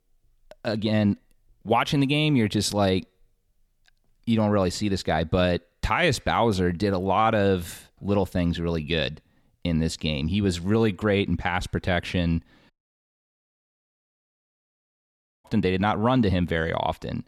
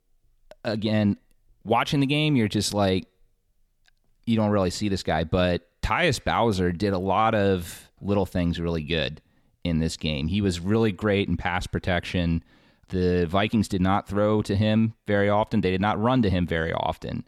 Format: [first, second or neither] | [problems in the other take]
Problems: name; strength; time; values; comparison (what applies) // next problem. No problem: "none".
second | audio cutting out; at 13 s for 2.5 s